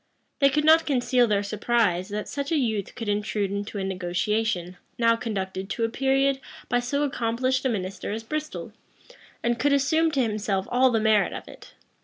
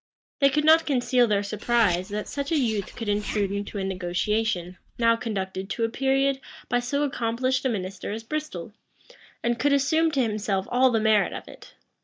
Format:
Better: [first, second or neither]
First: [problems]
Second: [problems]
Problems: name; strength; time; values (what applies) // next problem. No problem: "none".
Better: first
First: none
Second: noise reduction (neural mask model DeepFilterNet 3)